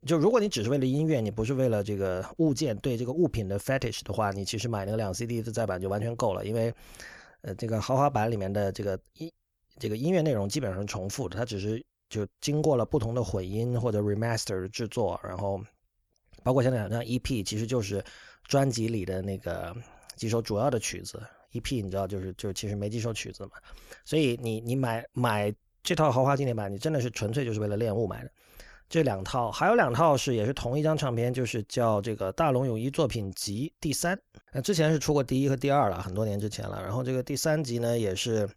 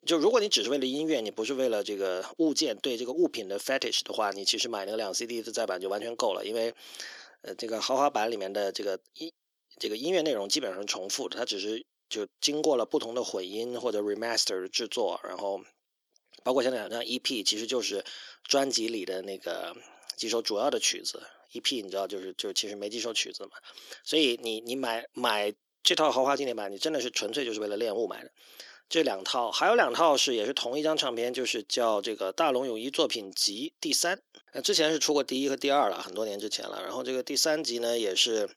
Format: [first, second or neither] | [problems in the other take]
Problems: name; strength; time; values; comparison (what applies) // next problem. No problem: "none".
first | thin; somewhat; fading below 300 Hz